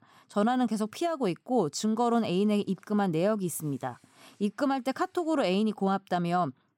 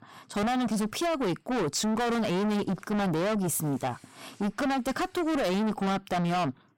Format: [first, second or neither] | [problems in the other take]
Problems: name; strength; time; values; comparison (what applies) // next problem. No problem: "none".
first | distortion; heavy; 5 dB below the speech